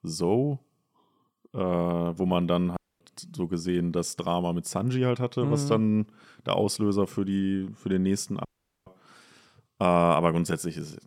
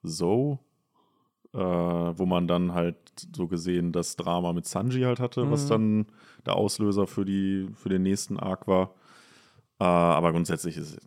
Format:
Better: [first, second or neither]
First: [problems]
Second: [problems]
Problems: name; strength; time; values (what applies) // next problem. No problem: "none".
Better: second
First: audio cutting out; at 3 s and at 8.5 s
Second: none